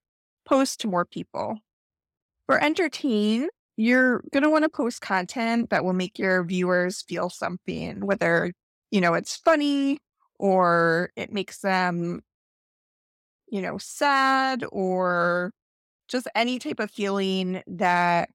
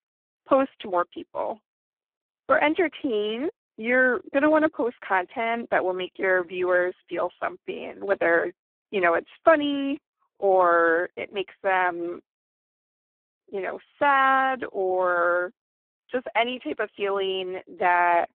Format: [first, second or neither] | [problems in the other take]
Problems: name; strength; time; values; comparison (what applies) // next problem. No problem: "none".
first | phone-call audio; poor line